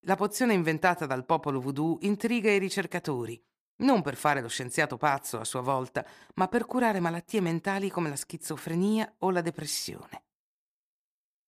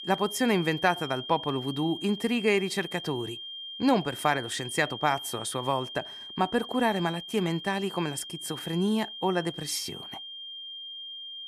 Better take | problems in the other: first | high-pitched whine; loud; throughout; 3 kHz, 9 dB below the speech

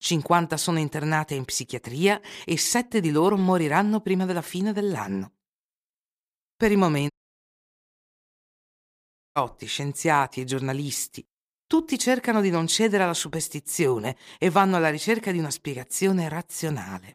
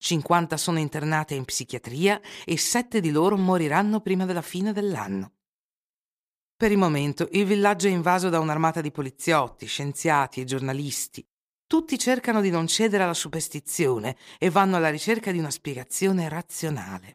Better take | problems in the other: second | audio cutting out; at 7 s for 2.5 s

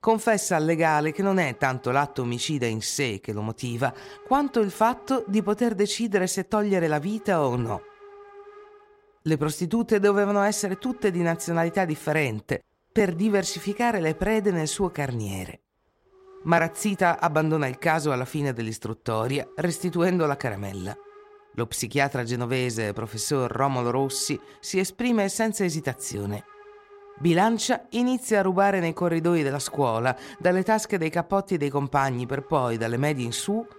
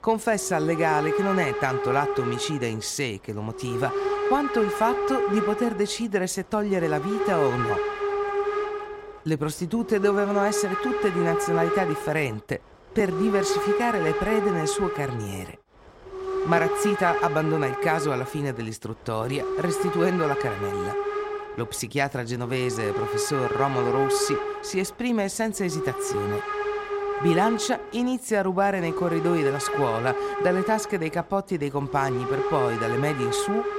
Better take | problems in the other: first | hiss; loud; throughout; 2 dB below the speech; faint in the first

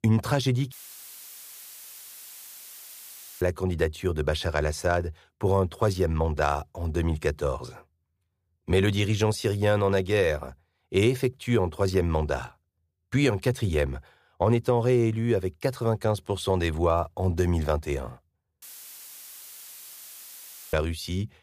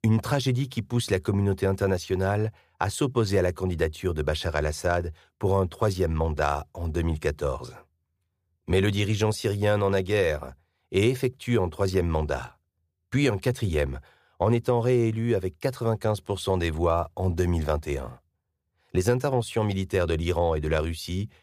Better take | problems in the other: second | audio cutting out; filled with static; at 0.5 s for 2.5 s and at 19 s for 2 s

